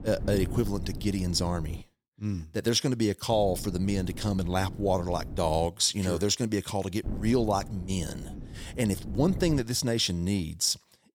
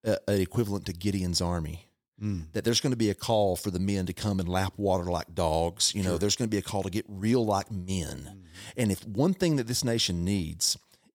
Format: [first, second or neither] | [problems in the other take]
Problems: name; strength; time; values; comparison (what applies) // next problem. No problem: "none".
second | wind noise on the microphone; occasional gusts; until 2 s, from 3.5 to 5.5 s and from 7 to 9.5 s; 20 dB below the speech